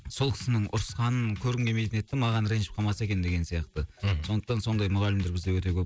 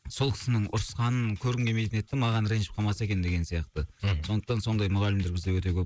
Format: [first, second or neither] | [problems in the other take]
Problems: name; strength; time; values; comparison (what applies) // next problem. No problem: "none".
first | noise reduction (neural mask model Resemble Enhance denoiser)